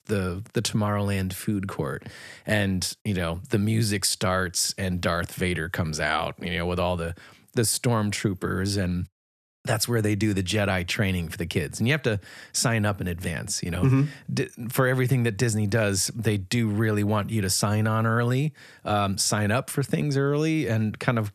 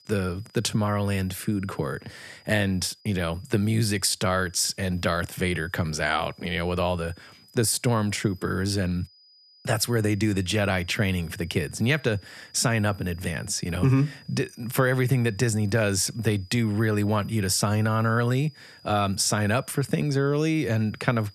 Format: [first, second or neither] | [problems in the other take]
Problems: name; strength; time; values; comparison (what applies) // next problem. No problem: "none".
first | high-pitched whine; faint; throughout; 5 kHz, 25 dB below the speech